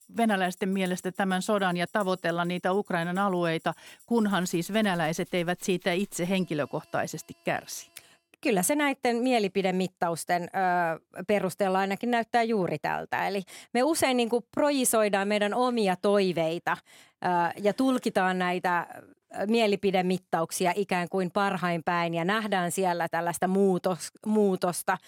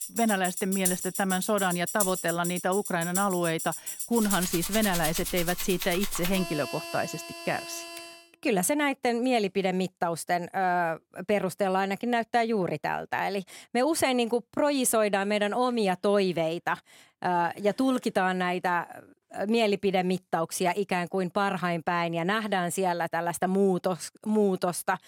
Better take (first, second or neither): first